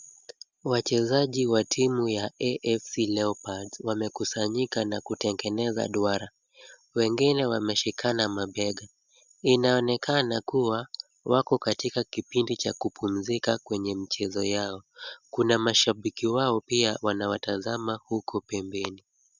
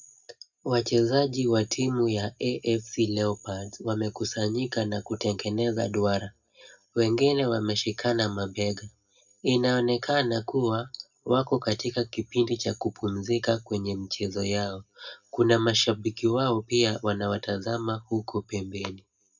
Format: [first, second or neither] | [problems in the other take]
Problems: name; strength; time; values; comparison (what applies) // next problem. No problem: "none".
first | room echo; dies away in 0.2 s